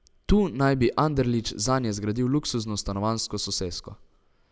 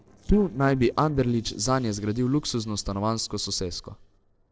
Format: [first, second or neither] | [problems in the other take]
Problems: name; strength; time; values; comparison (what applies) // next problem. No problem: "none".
first | noise reduction (neural separator model SepFormer DNS4)